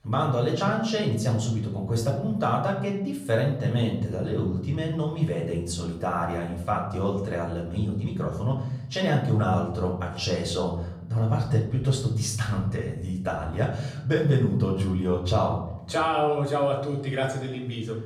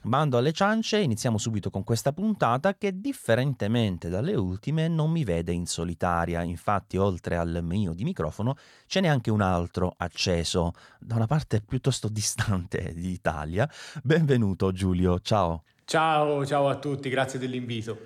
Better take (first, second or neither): second